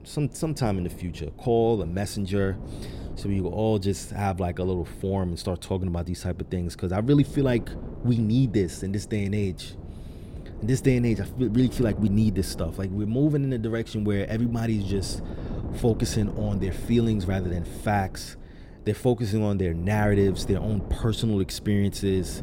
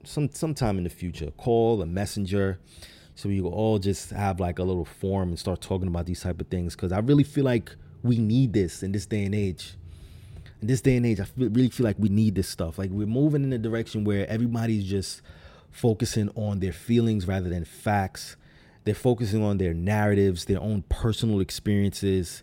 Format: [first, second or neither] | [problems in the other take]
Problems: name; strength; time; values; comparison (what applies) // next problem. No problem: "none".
second | wind noise on the microphone; occasional gusts; 15 dB below the speech